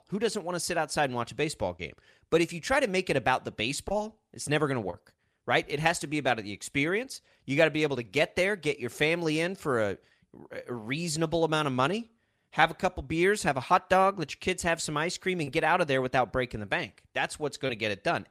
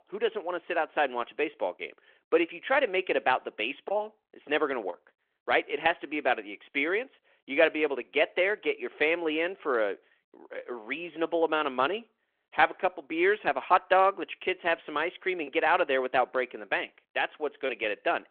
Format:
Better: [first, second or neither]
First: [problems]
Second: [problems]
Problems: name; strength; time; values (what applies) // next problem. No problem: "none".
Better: first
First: none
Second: phone-call audio